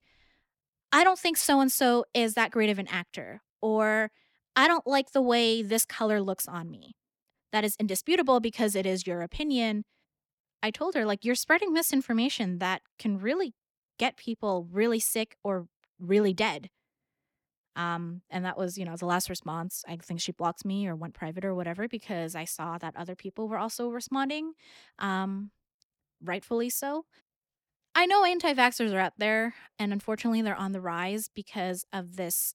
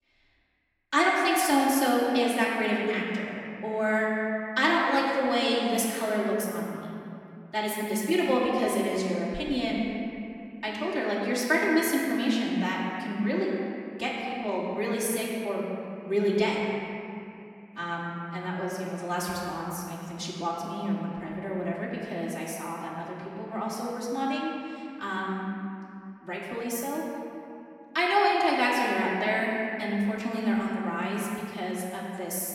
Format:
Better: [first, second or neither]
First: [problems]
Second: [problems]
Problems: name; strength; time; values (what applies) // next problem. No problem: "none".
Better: first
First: none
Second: off-mic speech; far // room echo; noticeable; dies away in 2.4 s